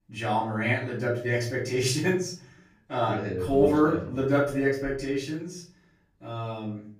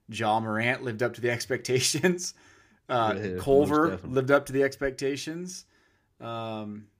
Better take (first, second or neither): second